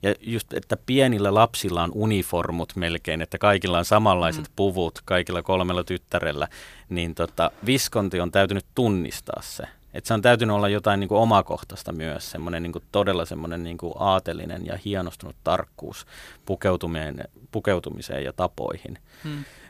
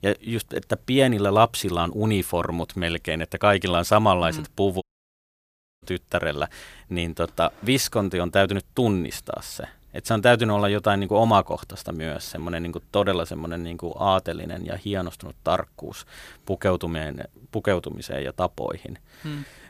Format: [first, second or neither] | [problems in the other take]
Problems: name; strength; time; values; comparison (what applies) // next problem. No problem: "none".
first | audio cutting out; at 5 s for 1 s